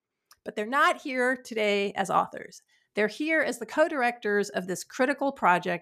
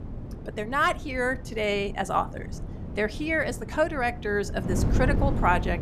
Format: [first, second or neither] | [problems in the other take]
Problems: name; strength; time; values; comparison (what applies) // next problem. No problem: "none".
first | wind noise on the microphone; occasional gusts; 15 dB below the speech